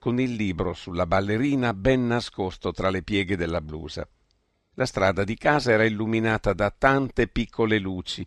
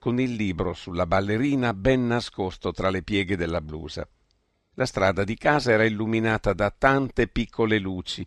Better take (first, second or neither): neither